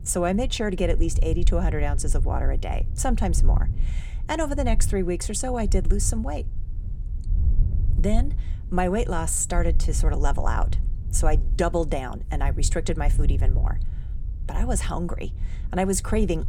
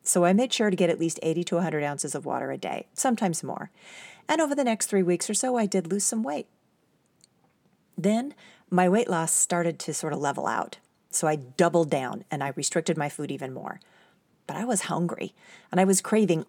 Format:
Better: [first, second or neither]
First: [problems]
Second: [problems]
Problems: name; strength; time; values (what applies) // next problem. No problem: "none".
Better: second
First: low rumble; noticeable; throughout; 15 dB below the speech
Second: none